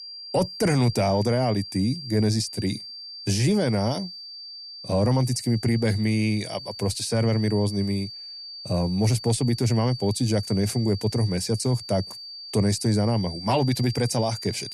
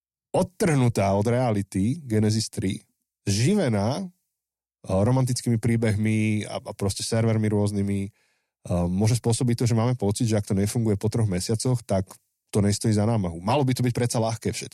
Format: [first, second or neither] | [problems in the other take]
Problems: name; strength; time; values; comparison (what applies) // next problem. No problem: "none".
second | high-pitched whine; noticeable; throughout; 4.5 kHz, 10 dB below the speech